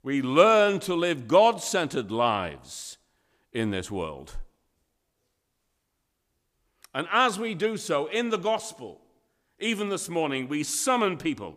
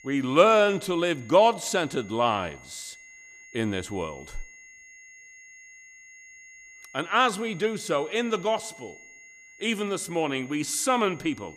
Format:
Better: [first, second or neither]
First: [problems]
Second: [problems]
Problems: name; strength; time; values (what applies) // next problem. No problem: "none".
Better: first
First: none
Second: high-pitched whine; faint; throughout; 2 kHz, 20 dB below the speech